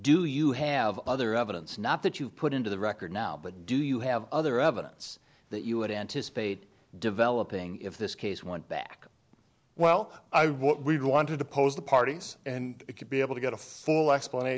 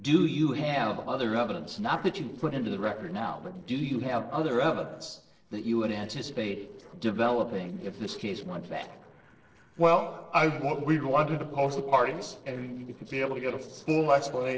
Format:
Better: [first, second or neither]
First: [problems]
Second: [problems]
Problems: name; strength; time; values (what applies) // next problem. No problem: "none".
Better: first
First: none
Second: noise reduction (neural separator model SepFormer DNS4)